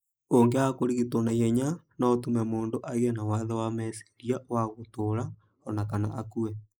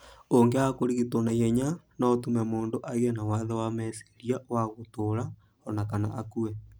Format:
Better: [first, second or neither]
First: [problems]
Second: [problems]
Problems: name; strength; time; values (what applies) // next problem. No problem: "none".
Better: second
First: noise reduction (neural mask model Resemble Enhance denoiser)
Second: none